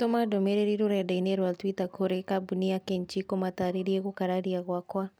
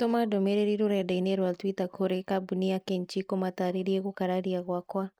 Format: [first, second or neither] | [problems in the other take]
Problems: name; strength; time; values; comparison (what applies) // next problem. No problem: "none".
first | noise reduction (neural mask model Resemble Enhance denoiser)